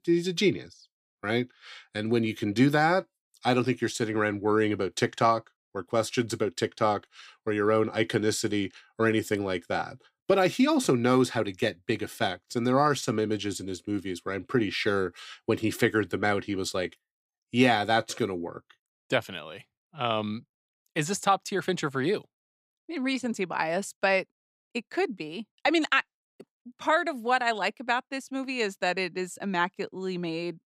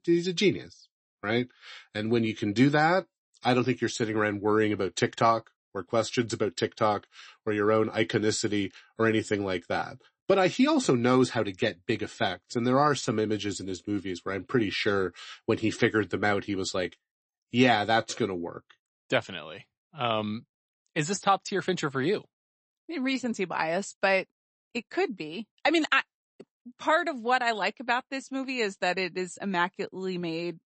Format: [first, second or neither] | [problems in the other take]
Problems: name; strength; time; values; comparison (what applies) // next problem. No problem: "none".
first | garbled, watery; slightly; nothing above 8 kHz